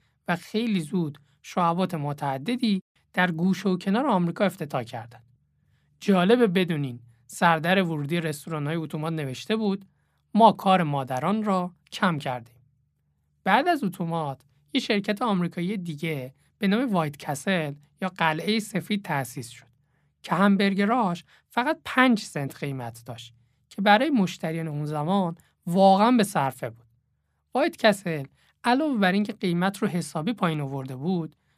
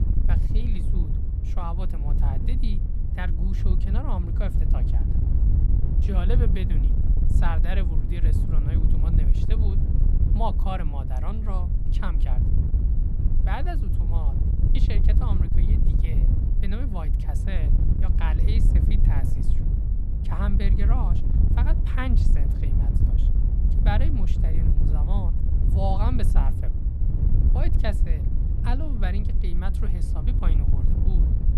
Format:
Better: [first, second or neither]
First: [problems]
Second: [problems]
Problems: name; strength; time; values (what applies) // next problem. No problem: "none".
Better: first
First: none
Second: wind noise on the microphone; heavy; 3 dB below the speech